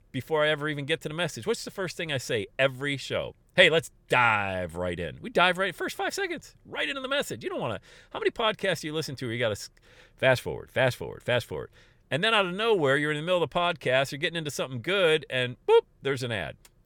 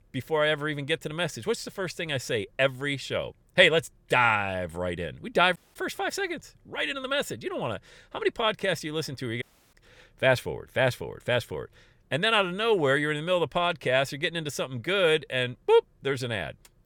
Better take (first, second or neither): first